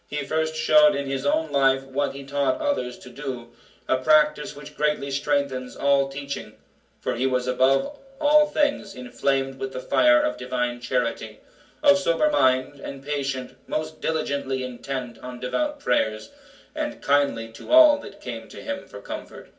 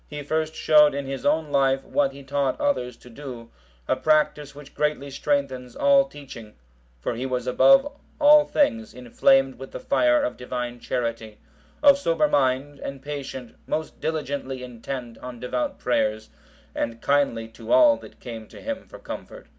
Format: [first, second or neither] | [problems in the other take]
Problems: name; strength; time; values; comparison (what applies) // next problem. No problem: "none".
second | room echo; dies away in 0.3 s